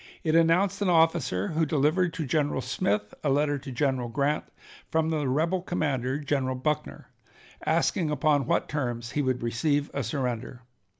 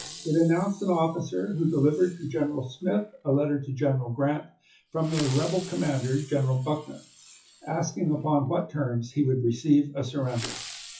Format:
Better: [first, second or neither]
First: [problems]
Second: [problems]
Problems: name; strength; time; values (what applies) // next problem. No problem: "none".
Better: first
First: none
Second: noise reduction (classical method WPE with log-MMSE)